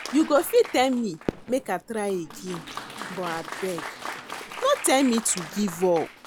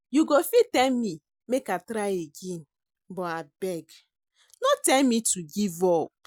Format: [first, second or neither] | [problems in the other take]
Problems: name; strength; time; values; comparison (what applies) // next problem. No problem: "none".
second | background sound (Fireworks + Applause); 12 dB below the speech